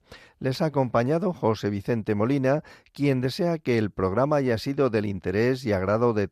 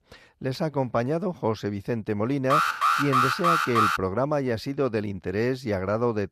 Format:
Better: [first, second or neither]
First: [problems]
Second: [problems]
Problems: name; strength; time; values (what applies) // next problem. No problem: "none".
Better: first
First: none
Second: alarm; loud; from 2.5 to 4 s; peak 6 dB above the speech